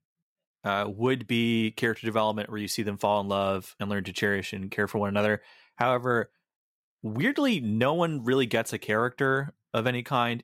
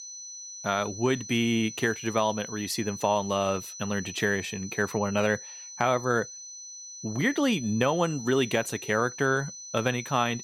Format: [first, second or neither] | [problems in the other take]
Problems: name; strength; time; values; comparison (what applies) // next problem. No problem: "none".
first | high-pitched whine; noticeable; throughout; 6 kHz, 10 dB below the speech